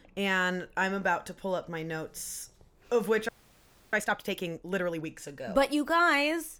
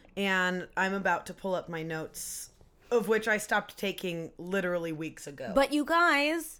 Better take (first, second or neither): second